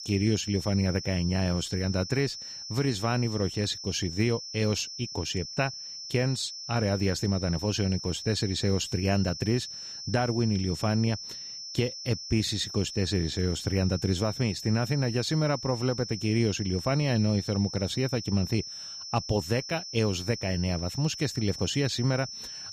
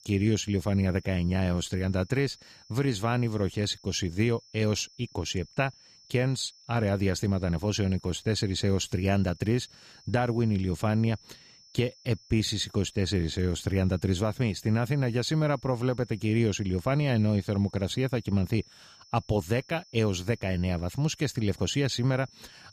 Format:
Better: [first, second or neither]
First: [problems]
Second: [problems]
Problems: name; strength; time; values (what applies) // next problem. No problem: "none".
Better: second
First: high-pitched whine; loud; throughout; 5.5 kHz, 8 dB below the speech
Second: high-pitched whine; faint; throughout; 5.5 kHz, 25 dB below the speech